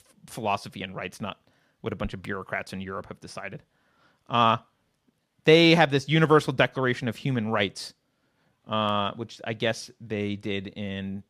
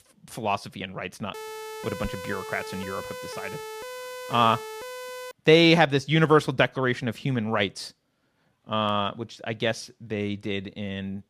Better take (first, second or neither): first